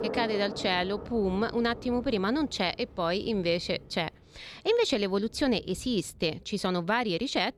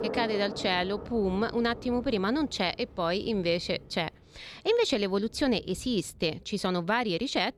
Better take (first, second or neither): neither